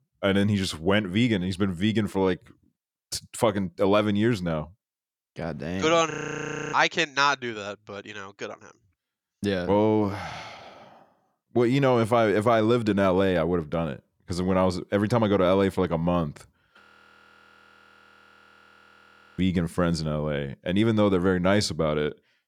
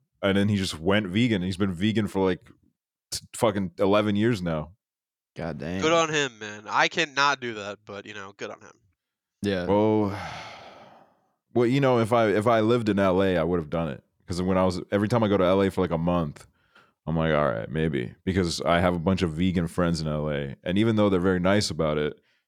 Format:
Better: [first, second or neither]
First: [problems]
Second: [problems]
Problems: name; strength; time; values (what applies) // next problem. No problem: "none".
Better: second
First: audio freezing; at 6 s for 0.5 s and at 17 s for 2.5 s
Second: none